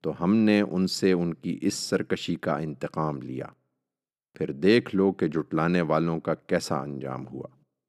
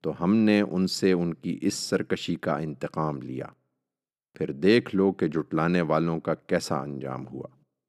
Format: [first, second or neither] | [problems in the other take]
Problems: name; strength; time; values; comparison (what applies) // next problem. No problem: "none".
neither | none